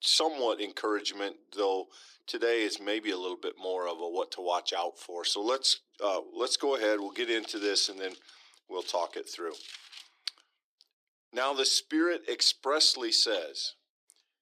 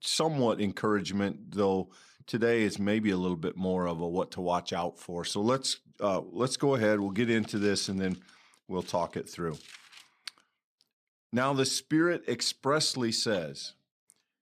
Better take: second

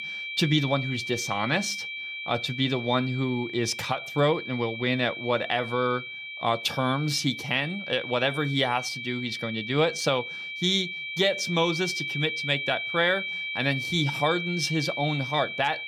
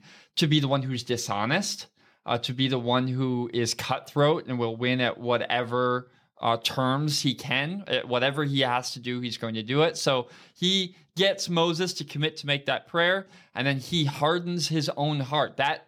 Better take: second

